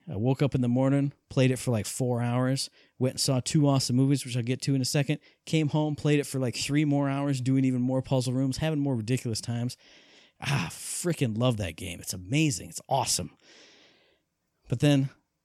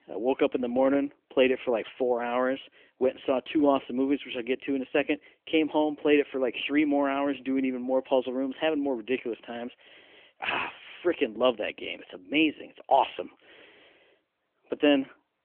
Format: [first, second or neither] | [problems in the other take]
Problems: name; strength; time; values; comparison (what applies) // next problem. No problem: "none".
first | phone-call audio; nothing above 3 kHz